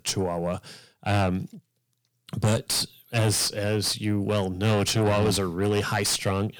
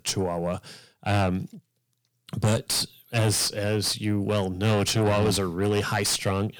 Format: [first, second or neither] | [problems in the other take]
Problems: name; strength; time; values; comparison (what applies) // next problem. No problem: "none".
neither | distortion; heavy; 7 dB below the speech; the same in both